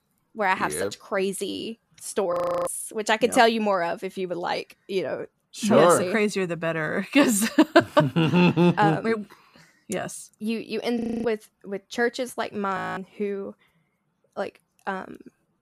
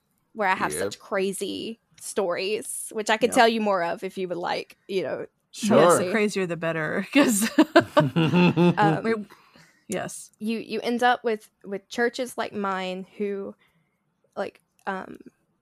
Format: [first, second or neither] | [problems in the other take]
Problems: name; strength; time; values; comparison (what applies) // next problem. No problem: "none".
second | audio freezing; at 2.5 s, at 11 s and at 13 s